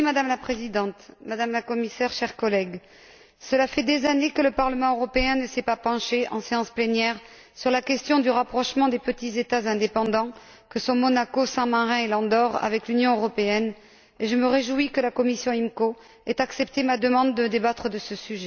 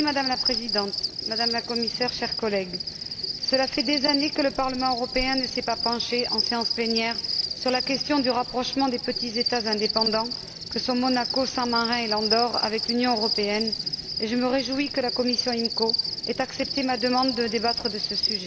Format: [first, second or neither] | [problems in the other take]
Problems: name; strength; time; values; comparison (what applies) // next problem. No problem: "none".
first | background sound (Cricket); 3 dB below the speech